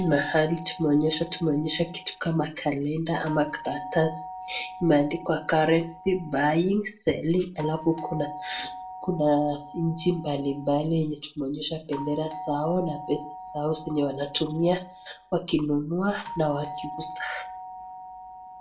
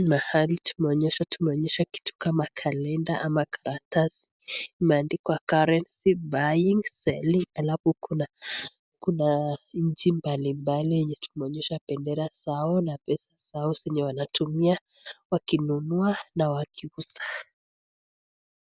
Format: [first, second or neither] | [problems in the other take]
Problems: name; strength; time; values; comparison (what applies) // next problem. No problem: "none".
second | background sound (Doorbell); 14 dB below the speech // room echo; dies away in 0.3 s